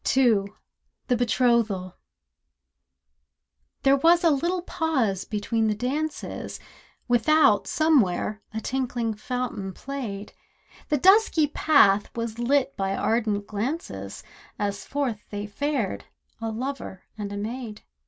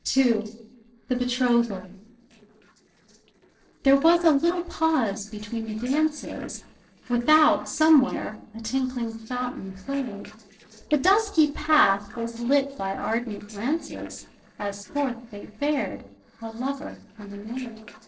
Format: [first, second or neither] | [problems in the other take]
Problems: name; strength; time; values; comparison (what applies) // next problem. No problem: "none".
first | noise reduction (neural separator model SepFormer DNS4)